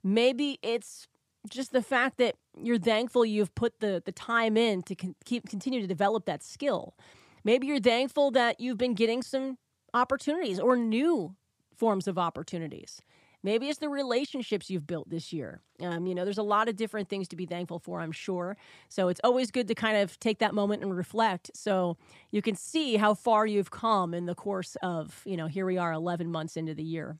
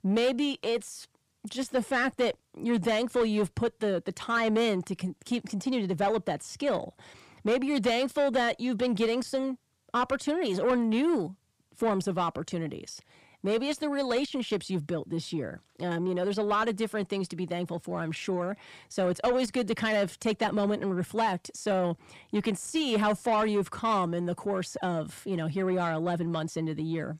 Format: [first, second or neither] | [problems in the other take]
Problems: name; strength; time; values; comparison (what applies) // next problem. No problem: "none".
first | distortion; slight; 10 dB below the speech